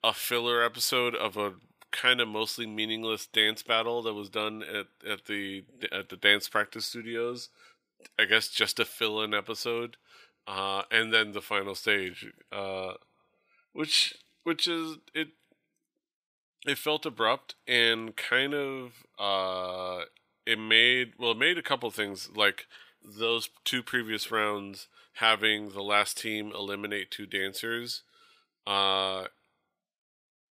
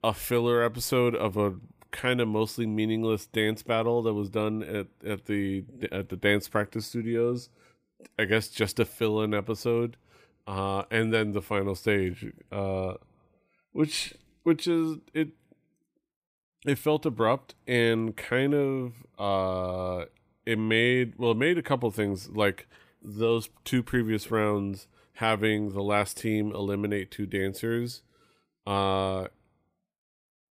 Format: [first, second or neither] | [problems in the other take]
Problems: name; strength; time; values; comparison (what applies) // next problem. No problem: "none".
second | thin; somewhat; fading below 800 Hz